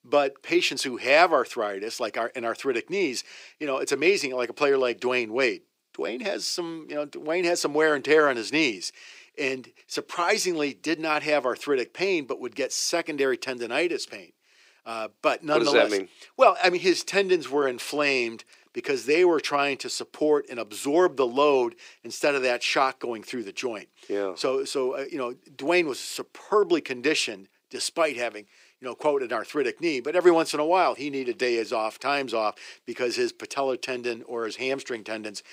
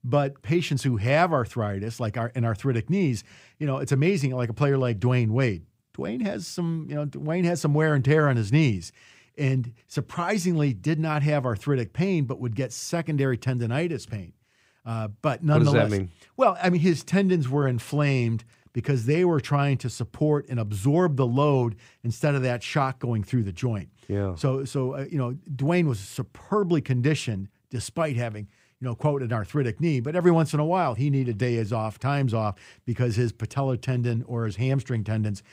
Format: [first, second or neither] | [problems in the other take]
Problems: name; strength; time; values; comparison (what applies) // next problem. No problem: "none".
second | thin; very; fading below 350 Hz